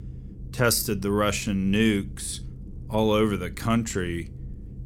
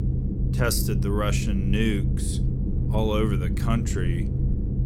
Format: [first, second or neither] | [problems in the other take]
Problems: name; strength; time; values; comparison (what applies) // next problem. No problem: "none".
first | low rumble; loud; throughout; 7 dB below the speech; faint in the first